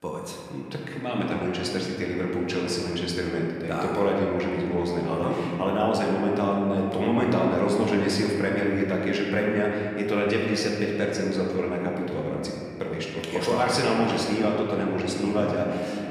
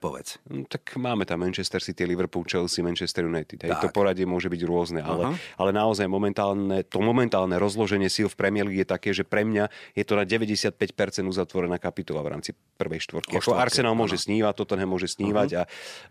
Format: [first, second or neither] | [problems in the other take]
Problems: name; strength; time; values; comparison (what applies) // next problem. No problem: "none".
second | room echo; noticeable; dies away in 2.9 s // off-mic speech; somewhat distant